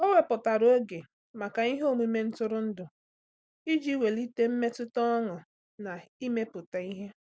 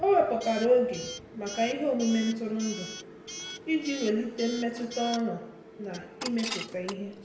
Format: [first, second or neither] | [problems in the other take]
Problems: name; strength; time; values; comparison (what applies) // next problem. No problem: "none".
first | background sound (Coin (dropping) / Alarm); 12 dB below the speech // room echo; dies away in 0.8 s